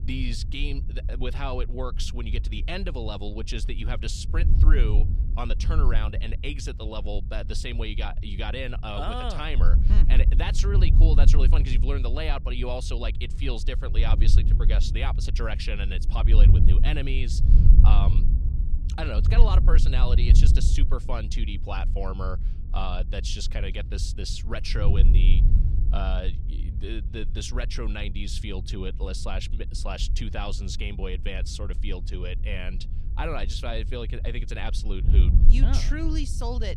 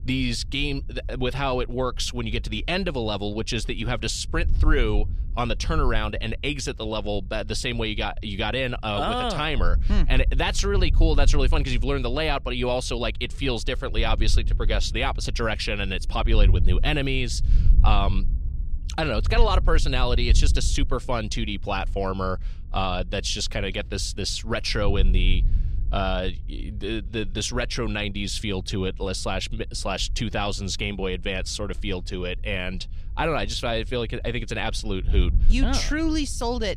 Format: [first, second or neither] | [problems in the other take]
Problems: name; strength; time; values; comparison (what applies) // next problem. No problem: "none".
second | wind noise on the microphone; heavy; 9 dB below the speech; occasional gusts in the second